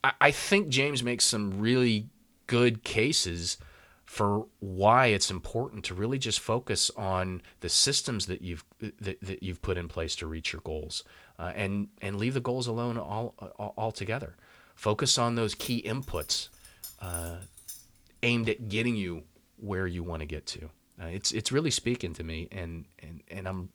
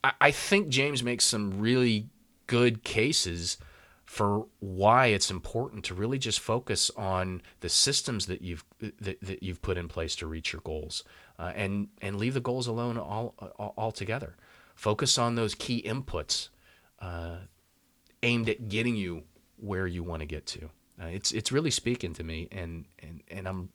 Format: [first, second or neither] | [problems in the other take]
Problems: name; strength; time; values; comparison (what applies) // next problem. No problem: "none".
second | jangling keys; noticeable; from 16 to 18 s; peak 10 dB below the speech